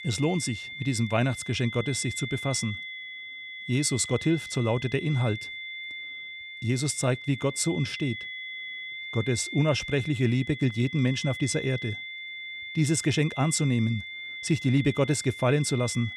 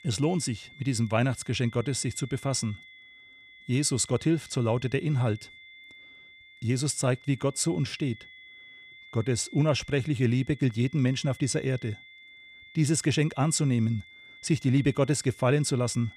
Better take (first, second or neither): second